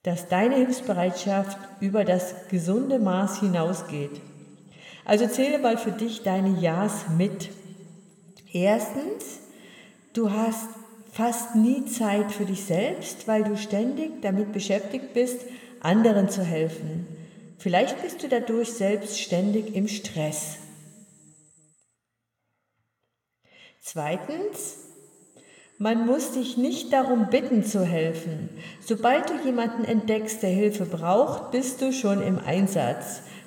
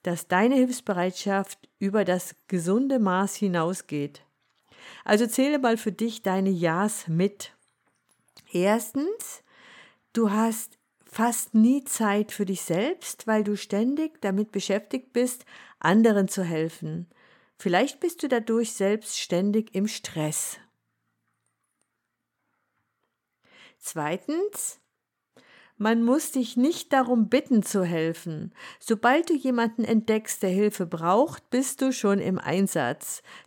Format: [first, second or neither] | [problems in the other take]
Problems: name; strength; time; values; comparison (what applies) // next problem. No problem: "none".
second | room echo; slight; dies away in 2.3 s